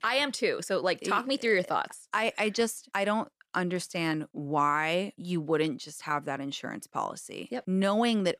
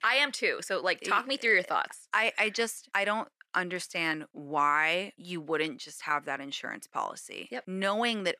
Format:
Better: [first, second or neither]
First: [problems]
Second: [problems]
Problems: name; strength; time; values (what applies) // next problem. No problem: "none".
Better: first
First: none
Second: thin; somewhat; fading below 750 Hz